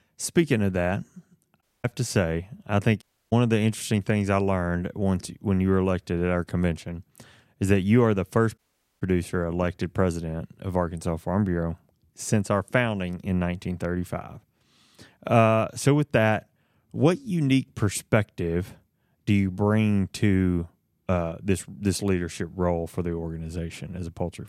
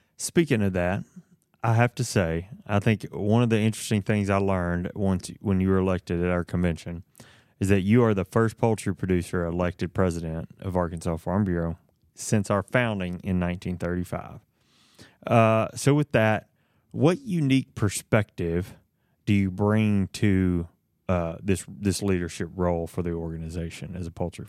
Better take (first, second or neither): second